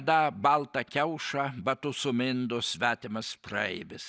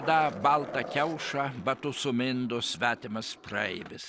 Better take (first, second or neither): first